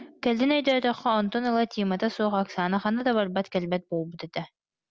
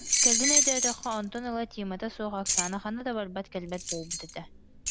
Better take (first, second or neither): first